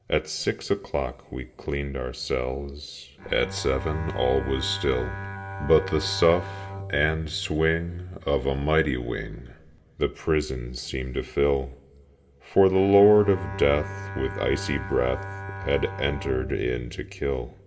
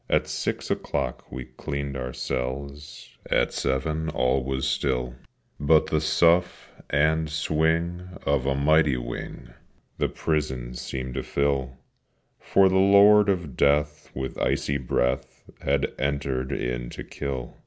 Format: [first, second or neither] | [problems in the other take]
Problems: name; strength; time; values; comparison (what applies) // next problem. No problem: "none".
second | background sound (Bowed string instrument); 13 dB below the speech // room echo; dies away in 0.3 s